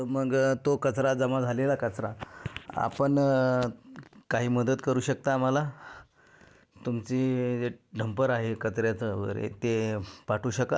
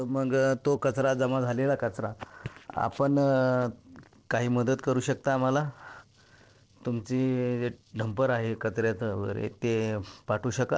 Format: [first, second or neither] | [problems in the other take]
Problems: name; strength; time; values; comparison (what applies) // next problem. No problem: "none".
first | noise reduction (neural separator model SepFormer DNS4)